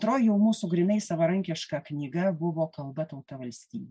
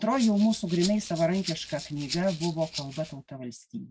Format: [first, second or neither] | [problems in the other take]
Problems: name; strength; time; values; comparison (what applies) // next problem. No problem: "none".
first | background sound (Rattle (instrument)); 12 dB below the speech